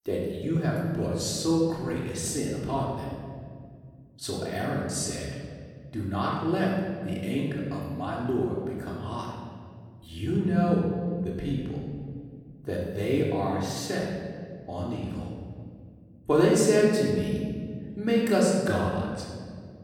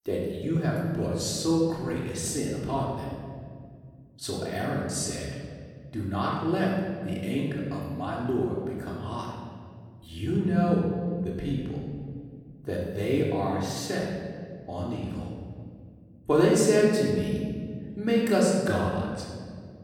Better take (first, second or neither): neither